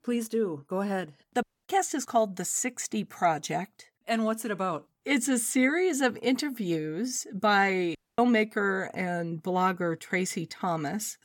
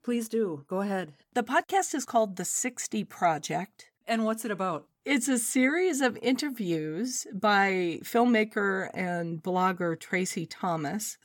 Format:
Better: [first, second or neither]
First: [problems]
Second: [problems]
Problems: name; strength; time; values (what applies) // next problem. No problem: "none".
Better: second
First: audio cutting out; at 1.5 s and at 8 s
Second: none